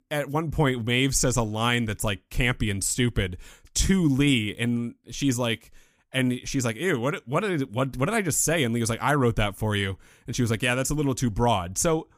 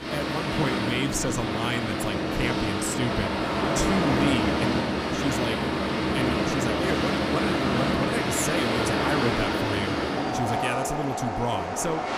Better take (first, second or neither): first